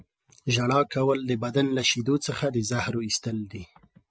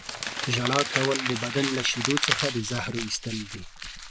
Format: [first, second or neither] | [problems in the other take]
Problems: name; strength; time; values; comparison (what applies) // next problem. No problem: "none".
first | background sound (Crumpling, crinkling); 2 dB below the speech